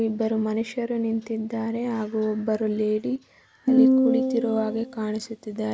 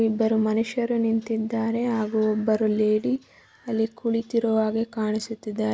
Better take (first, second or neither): second